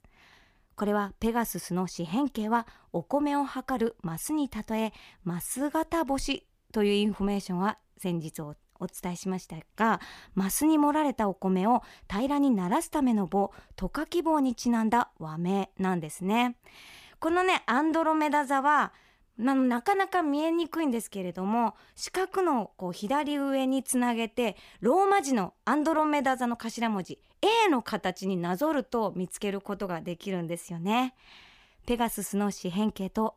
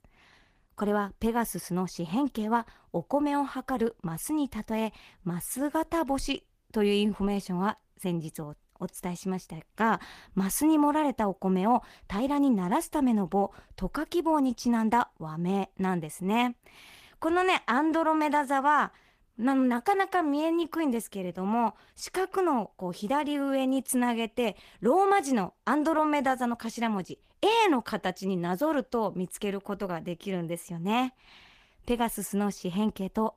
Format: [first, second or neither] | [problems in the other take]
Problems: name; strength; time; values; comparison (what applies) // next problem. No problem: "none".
first | garbled, watery; slightly; nothing above 15 kHz